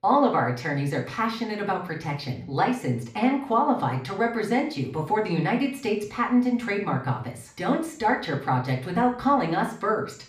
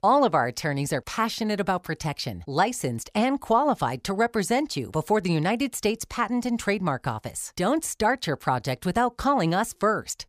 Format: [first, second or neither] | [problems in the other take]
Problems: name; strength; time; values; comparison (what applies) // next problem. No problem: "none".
second | room echo; slight; dies away in 0.5 s // off-mic speech; somewhat distant